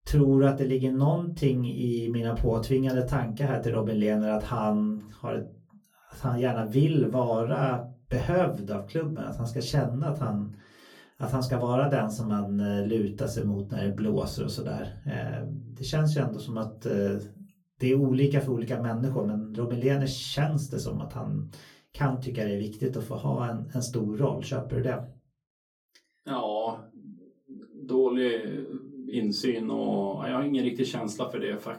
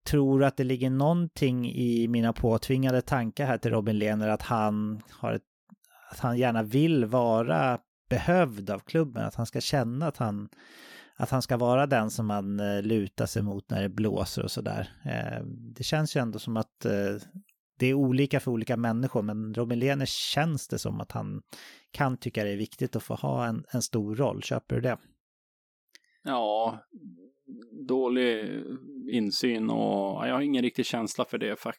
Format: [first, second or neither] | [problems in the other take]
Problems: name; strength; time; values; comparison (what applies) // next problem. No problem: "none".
second | off-mic speech; far // room echo; very slight; dies away in 0.3 s